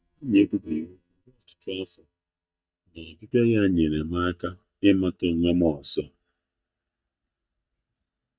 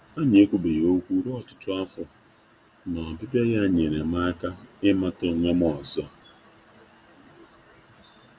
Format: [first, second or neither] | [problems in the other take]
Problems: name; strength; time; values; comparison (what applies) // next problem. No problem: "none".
second | noise reduction (neural mask model DeepFilterNet 3)